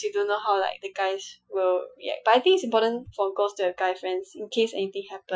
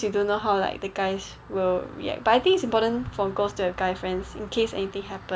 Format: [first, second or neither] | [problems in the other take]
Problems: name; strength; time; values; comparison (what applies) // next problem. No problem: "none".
second | noise reduction (classical method Wiener filter)